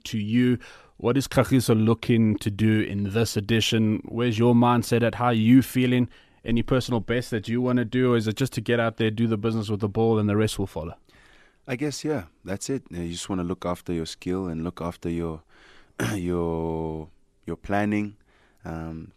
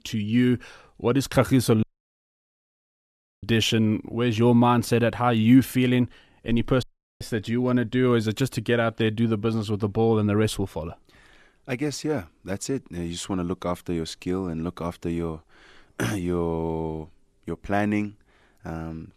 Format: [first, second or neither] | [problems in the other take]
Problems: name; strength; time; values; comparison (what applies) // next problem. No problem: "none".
first | audio cutting out; at 2 s for 1.5 s and at 7 s